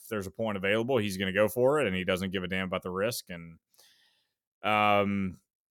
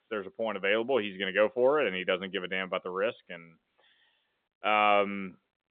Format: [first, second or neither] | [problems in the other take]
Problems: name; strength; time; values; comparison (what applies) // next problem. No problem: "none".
first | phone-call audio; nothing above 3 kHz